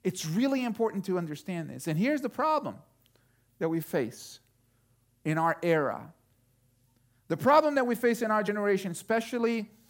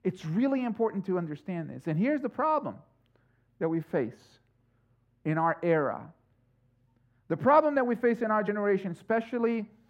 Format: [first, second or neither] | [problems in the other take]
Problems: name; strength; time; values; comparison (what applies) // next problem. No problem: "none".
first | muffled; very; fading above 4 kHz